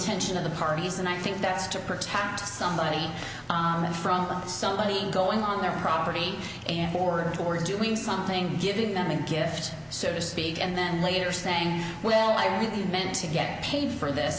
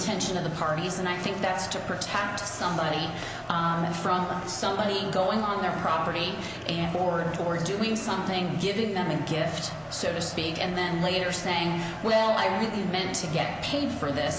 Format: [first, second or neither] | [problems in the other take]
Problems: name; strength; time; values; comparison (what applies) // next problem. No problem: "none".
first | background sound (Crowd); 13 dB below the speech